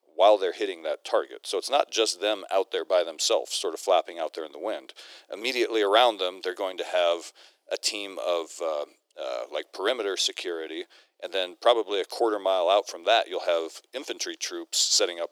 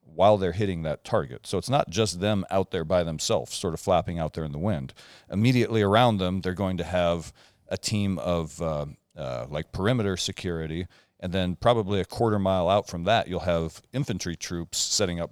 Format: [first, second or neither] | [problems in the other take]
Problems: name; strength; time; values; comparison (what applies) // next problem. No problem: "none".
second | thin; very; fading below 350 Hz